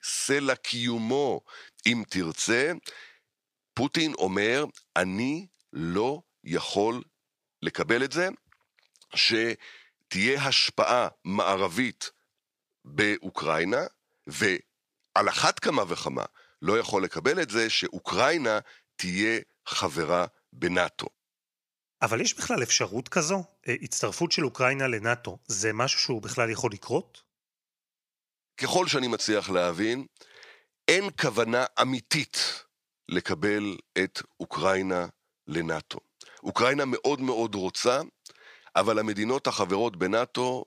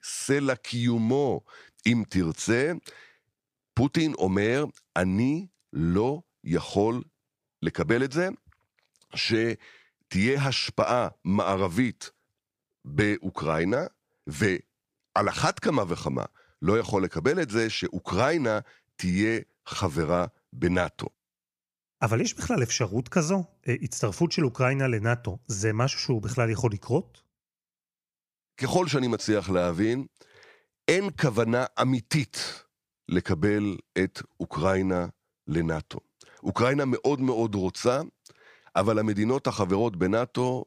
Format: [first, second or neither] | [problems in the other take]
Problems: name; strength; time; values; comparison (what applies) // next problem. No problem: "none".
second | thin; very slightly; fading below 900 Hz